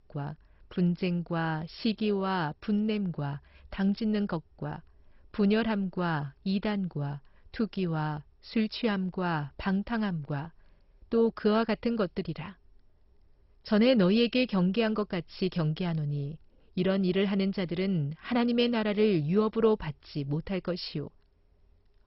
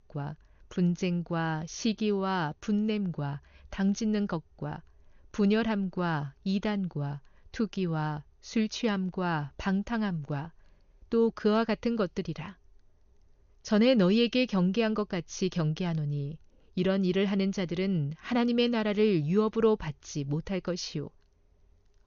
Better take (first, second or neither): second